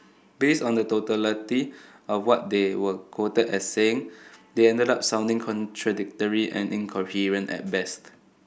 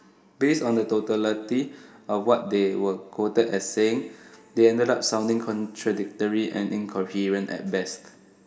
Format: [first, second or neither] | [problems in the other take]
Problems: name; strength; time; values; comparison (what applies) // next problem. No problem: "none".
first | room echo; dies away in 2.3 s